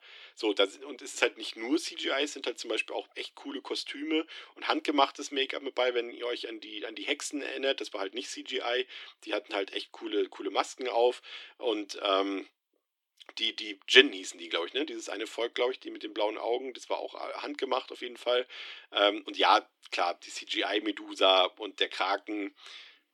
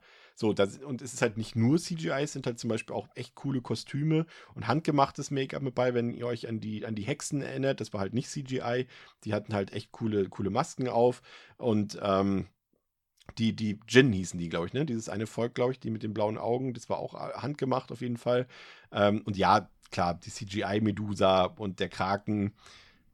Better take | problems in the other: second | thin; somewhat; fading below 300 Hz

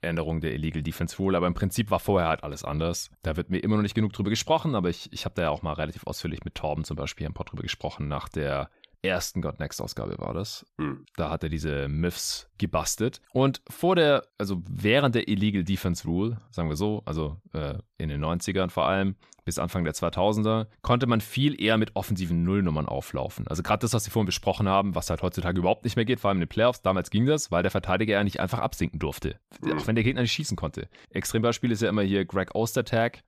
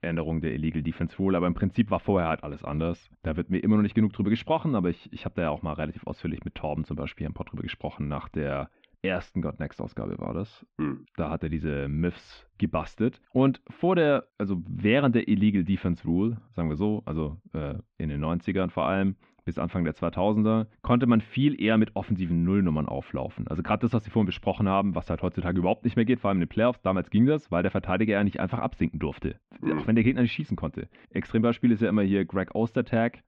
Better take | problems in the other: first | muffled; very; fading above 2.5 kHz

